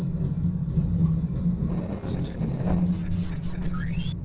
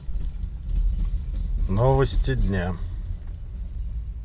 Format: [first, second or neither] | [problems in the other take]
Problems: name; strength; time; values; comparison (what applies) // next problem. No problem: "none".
second | noise reduction (neural separator model SepFormer DNS4)